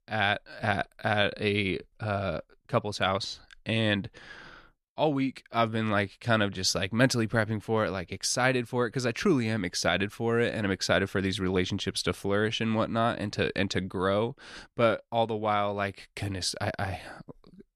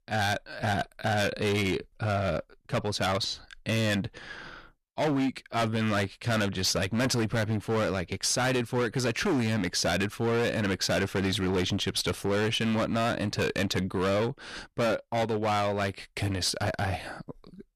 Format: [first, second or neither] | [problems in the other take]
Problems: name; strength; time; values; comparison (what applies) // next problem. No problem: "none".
first | distortion; heavy; 18% of the sound clipped